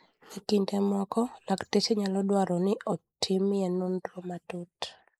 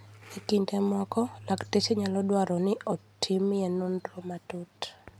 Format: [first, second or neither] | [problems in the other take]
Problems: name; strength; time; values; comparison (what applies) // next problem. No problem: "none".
second | noise reduction (neural mask model Resemble Enhance denoiser)